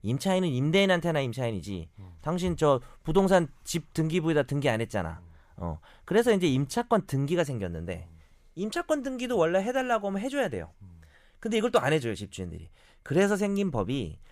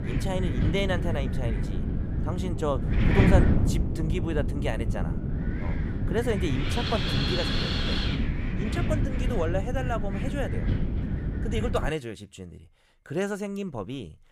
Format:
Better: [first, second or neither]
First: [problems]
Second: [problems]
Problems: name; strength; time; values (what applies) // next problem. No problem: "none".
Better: first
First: none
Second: wind noise on the microphone; heavy; until 12 s; 2 dB below the speech